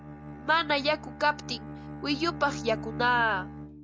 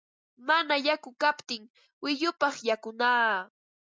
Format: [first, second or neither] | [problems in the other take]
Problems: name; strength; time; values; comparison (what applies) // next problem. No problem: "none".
second | background sound (Bowed string instrument); 11 dB below the speech